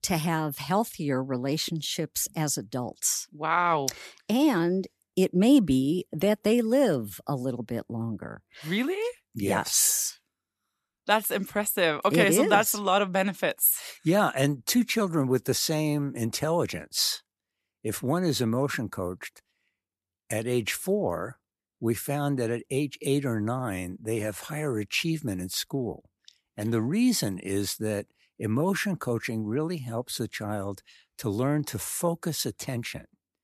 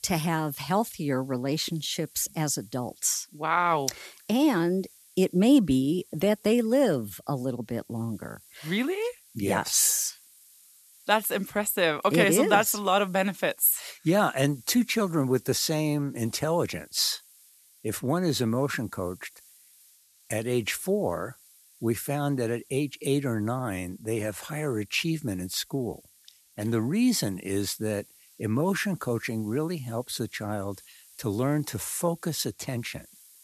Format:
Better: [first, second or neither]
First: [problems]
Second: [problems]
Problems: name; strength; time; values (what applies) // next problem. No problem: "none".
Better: first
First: none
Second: hiss; faint; throughout; 25 dB below the speech